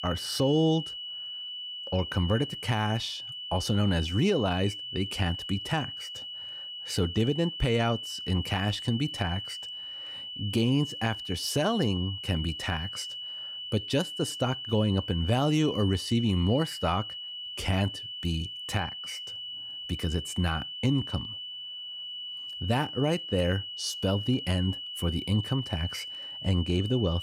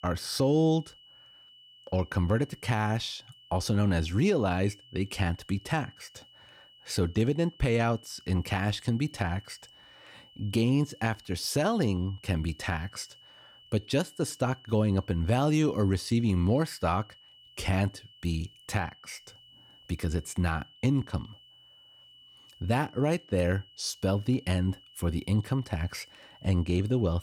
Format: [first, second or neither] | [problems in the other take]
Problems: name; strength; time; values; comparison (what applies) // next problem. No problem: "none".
second | high-pitched whine; loud; throughout; 3 kHz, 7 dB below the speech; faint in the second